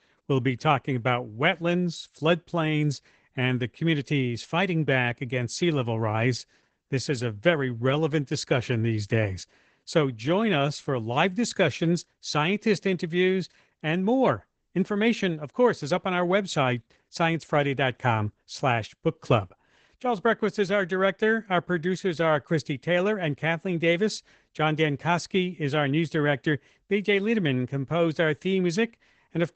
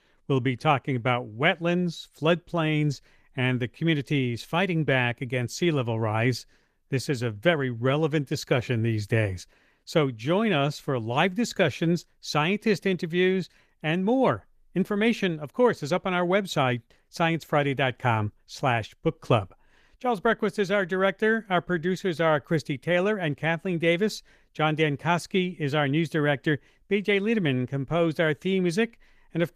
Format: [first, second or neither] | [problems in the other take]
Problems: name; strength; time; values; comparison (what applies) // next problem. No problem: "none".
second | garbled, watery; badly; nothing above 8 kHz; slightly in the second